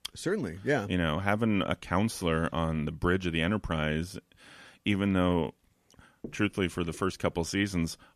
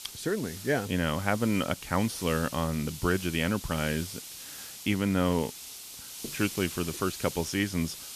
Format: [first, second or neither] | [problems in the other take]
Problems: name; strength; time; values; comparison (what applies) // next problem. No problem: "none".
first | hiss; noticeable; throughout; 10 dB below the speech